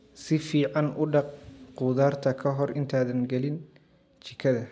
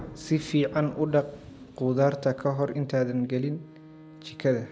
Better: first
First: none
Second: background sound (Thunder + Bowed string instrument); 20 dB below the speech

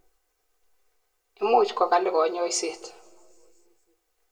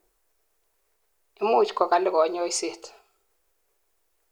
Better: second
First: room echo; dies away in 1.2 s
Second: none

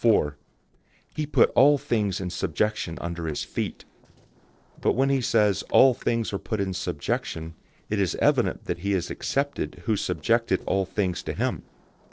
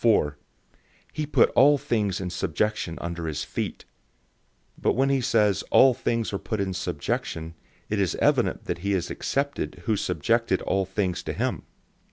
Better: second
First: noise reduction (neural separator model SepFormer DNS4)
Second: none

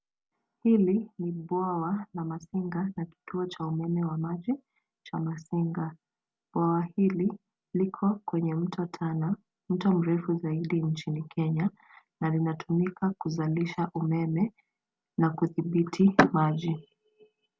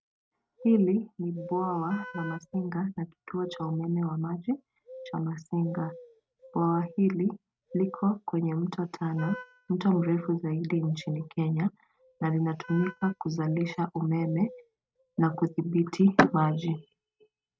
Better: first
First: none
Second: noise reduction (neural mask model RNNoise)

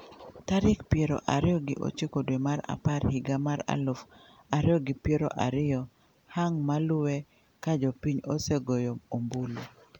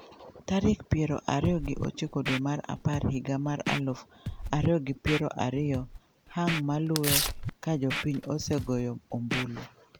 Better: first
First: none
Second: background sound (Scratching (performance technique) + Tearing); 6 dB below the speech

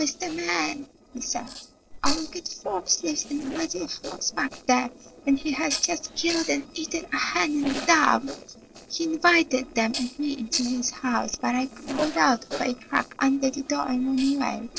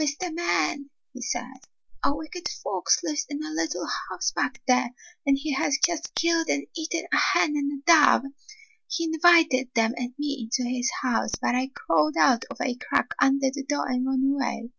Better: second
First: noise reduction (neural separator model SepFormer DNS4)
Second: none

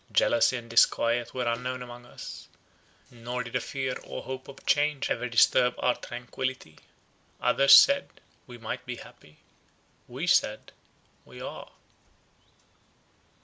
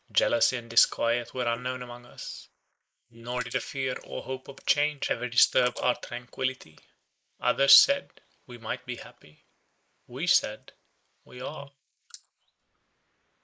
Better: first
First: none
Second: noise reduction (neural mask model Resemble Enhance denoiser)

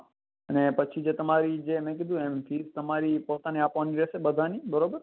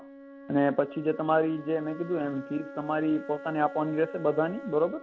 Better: first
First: none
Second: background sound (Wind instrument, woodwind instrument); 15 dB below the speech

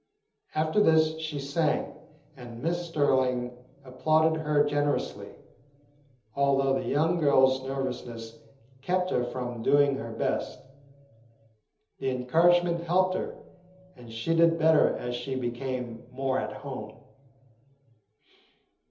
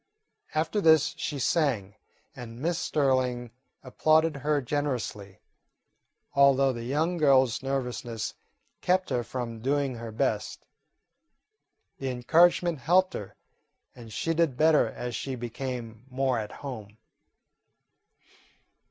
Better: second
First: room echo; dies away in 1.2 s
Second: none

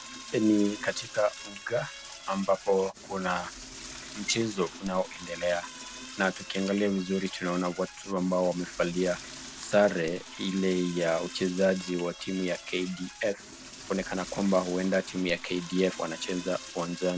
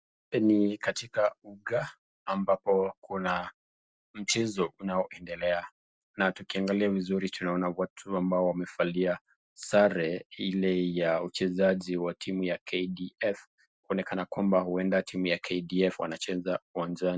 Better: second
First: background sound (Toilet flush / Door); 14 dB below the speech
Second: none

